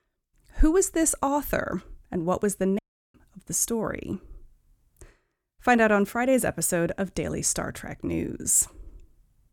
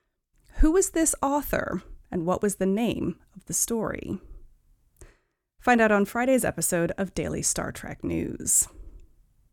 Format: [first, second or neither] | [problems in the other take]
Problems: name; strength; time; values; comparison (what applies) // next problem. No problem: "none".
second | audio cutting out; at 3 s